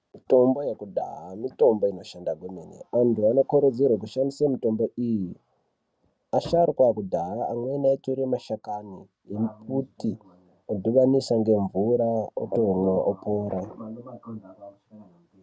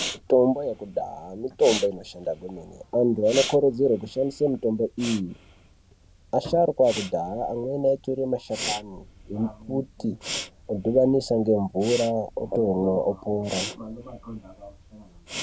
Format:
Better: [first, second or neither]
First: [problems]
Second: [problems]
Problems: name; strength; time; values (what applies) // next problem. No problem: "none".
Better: first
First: none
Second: background sound (Respiratory sounds); 13 dB below the speech